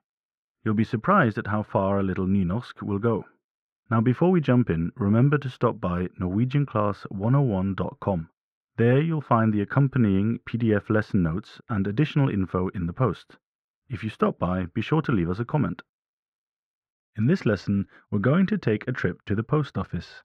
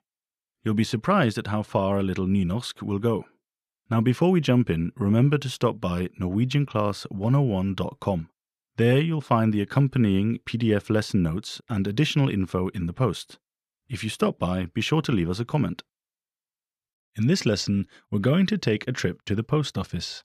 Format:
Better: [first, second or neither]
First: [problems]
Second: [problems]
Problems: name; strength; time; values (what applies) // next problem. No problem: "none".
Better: second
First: muffled; very; fading above 3.5 kHz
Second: none